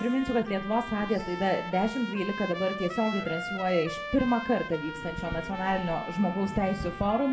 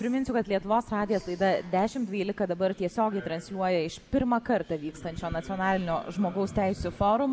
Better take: second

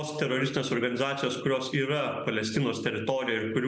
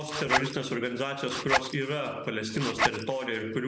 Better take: first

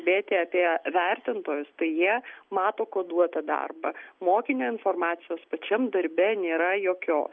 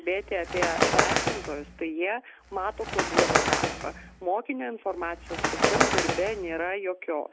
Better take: first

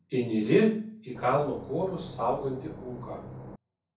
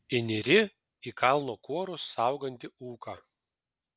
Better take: second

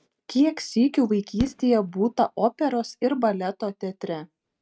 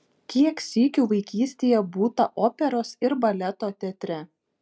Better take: second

